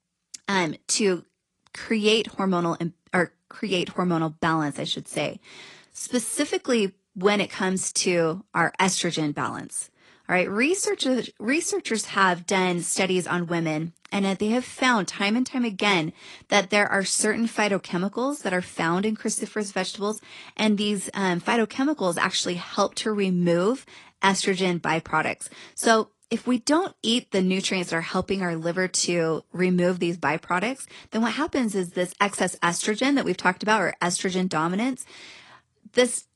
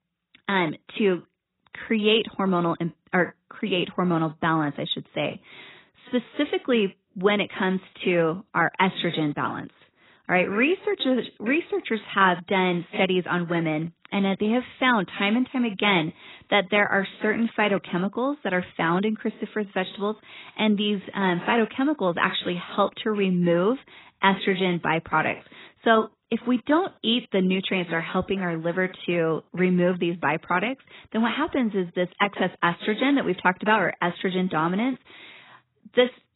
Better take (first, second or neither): first